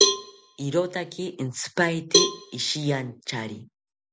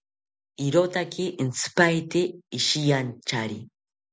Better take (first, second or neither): second